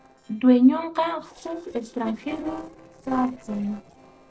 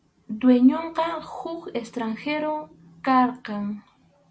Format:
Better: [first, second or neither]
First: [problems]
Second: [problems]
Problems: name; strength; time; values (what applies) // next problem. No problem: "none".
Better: second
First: noise reduction (neural separator model SepFormer DNS4)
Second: none